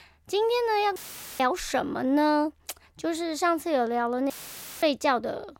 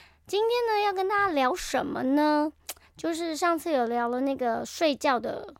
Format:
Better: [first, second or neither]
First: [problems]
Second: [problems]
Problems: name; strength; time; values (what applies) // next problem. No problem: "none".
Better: second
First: audio cutting out; filled with static; at 1 s and at 4.5 s for 0.5 s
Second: none